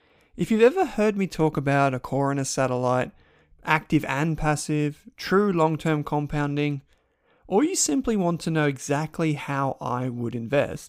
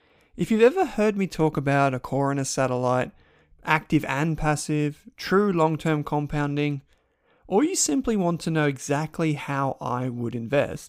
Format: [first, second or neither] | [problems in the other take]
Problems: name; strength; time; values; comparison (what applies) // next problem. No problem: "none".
neither | none